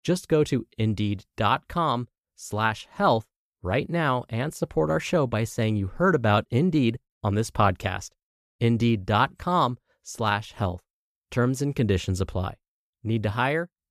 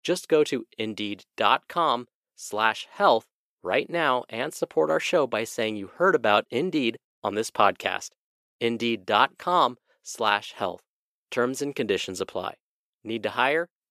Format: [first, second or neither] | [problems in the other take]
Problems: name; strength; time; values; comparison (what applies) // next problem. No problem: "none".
first | thin; somewhat; fading below 400 Hz